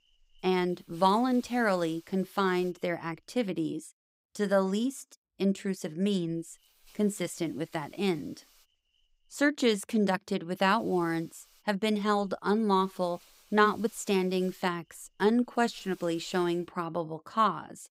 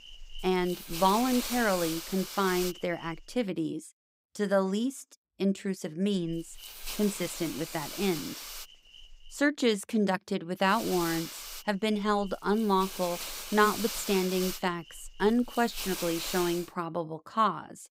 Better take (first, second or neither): first